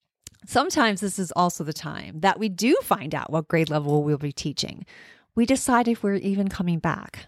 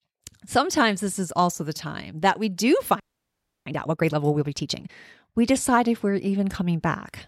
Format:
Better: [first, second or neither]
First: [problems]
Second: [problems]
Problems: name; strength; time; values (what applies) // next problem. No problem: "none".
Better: first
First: none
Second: audio freezing; at 3 s for 0.5 s